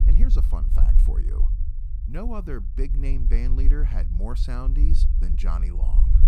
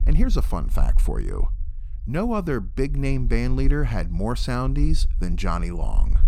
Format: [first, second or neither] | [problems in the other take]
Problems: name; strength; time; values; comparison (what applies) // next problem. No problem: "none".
second | low rumble; loud; throughout; 6 dB below the speech; faint in the second